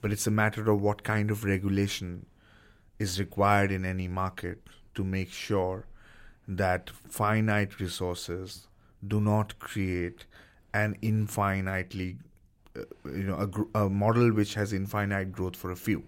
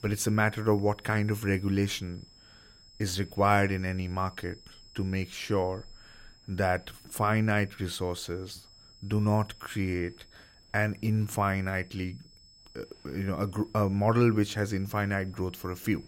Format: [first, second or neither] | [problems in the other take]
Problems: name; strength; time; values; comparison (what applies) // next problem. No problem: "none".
first | high-pitched whine; faint; throughout; 5 kHz, 25 dB below the speech